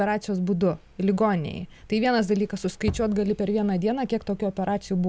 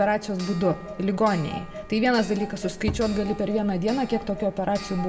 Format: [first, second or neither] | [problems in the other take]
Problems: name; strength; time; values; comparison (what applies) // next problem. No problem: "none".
first | background sound (Clock); 15 dB below the speech // room echo; dies away in 1 s